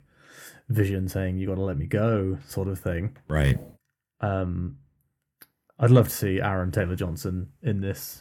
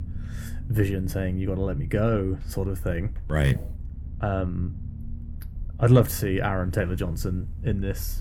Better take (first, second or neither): first